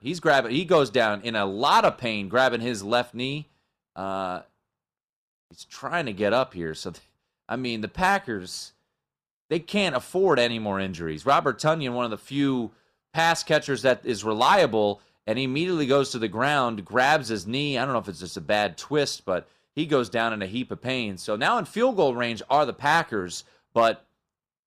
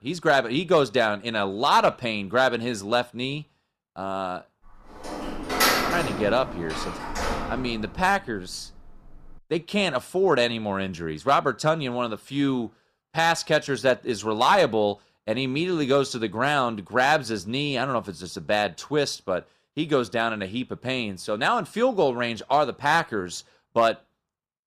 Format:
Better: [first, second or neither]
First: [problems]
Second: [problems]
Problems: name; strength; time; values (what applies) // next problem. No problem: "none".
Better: first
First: none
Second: door banging; loud; from 5 to 8 s; peak 4 dB above the speech